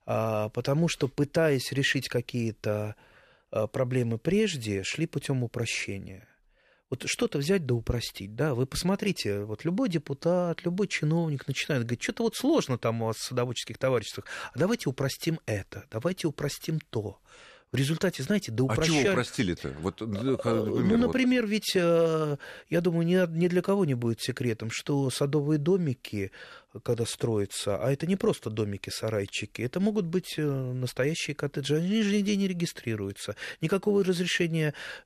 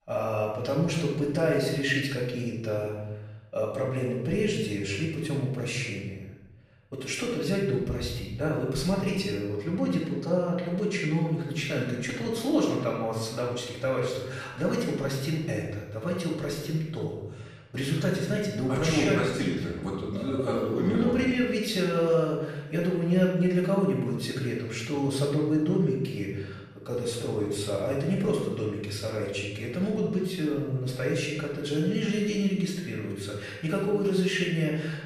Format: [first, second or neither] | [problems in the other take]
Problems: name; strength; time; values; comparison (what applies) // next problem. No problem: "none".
first | off-mic speech; far // room echo; noticeable; dies away in 1 s